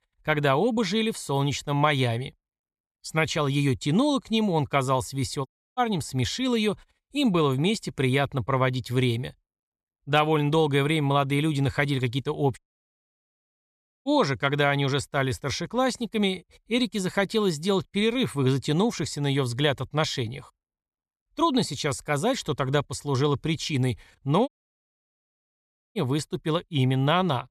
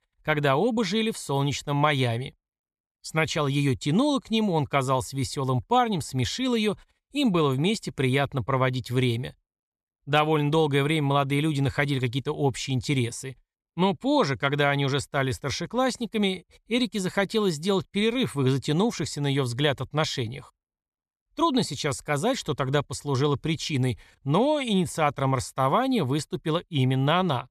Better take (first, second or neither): second